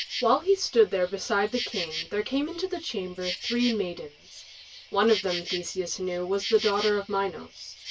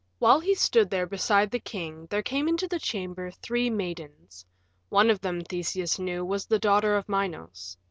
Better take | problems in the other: second | background sound (Insect); 11 dB below the speech // room echo; dies away in 0.1 s

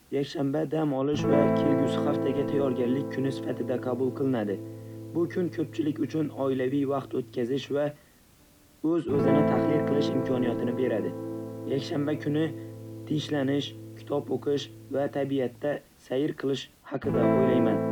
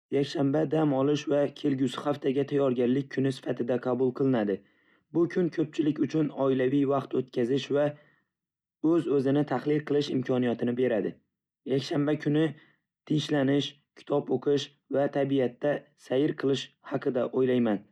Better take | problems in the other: second | background sound (Guitar); 2 dB below the speech

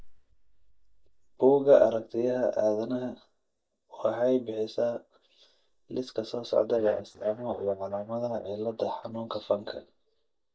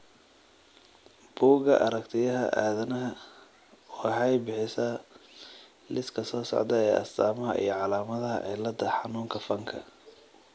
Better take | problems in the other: second | noise reduction (neural mask model DeepFilterNet 3)

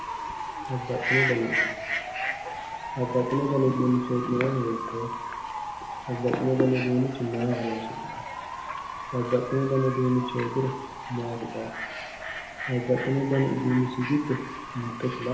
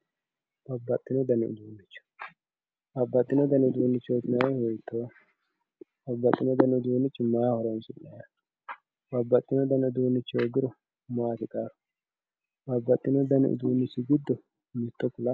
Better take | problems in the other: second | background sound (Bird / Fowl); 6 dB below the speech // room echo; dies away in 0.8 s

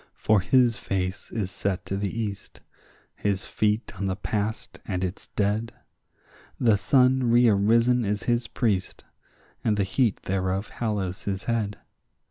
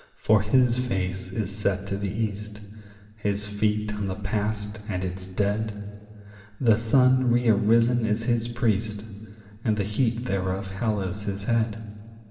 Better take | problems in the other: first | room echo; dies away in 2.1 s

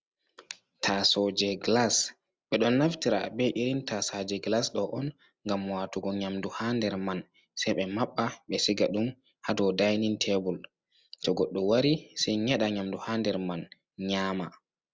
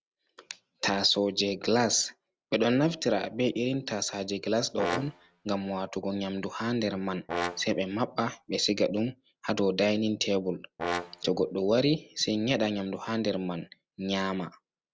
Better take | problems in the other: first | background sound (Brass instrument); 9 dB below the speech

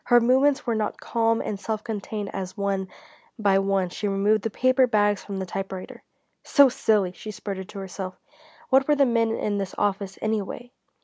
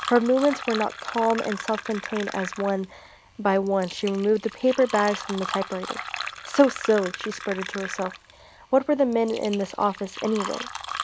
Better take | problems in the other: first | background sound (Fill (with liquid)); 11 dB below the speech

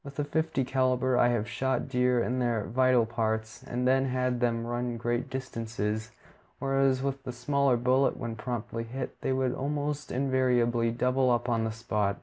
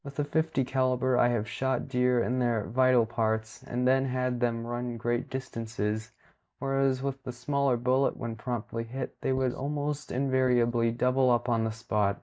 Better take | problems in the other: first | noise reduction (neural mask model DeepFilterNet 3)

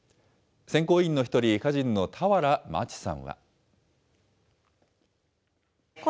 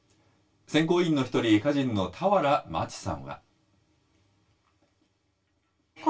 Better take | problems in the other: first | room echo; dies away in 0.2 s

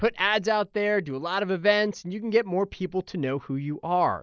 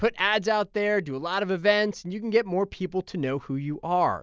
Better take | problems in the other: second | noise reduction (neural mask model Resemble Enhance denoiser)

